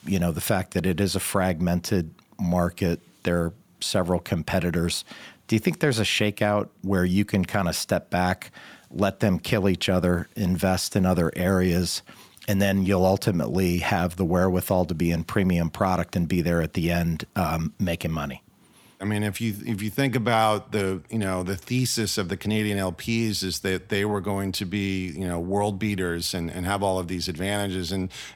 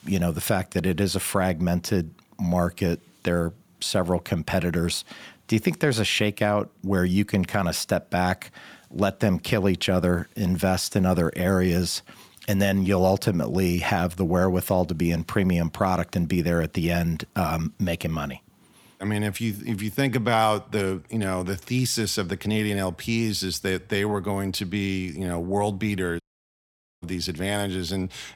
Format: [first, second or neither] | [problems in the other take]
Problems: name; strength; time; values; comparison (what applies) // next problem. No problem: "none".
first | audio cutting out; at 26 s for 1 s